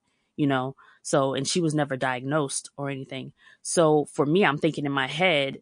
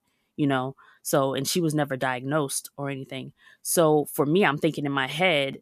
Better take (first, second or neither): second